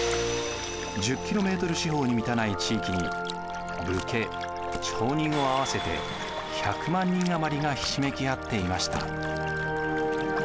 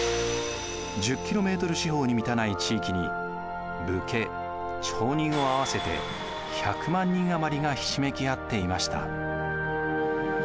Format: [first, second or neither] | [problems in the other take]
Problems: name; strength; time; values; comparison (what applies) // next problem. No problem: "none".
second | background sound (Camera + Liquid); 14 dB below the speech